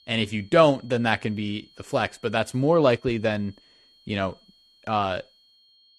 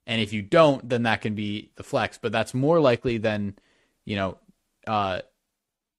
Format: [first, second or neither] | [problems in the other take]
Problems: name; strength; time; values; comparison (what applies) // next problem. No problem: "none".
second | high-pitched whine; faint; throughout; 4.5 kHz, 30 dB below the speech